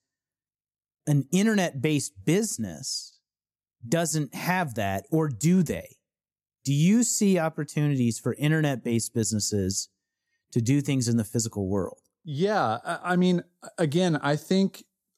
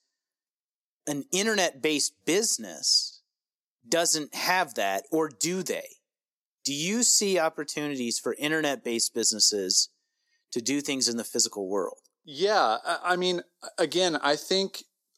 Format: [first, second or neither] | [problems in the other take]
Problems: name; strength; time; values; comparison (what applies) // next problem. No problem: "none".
first | thin; somewhat; fading below 350 Hz